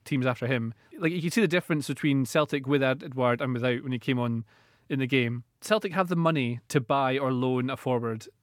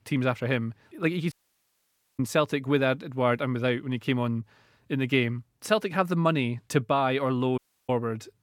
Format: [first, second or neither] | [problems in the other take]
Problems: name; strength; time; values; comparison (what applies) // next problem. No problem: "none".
first | audio cutting out; at 1.5 s for 1 s and at 7.5 s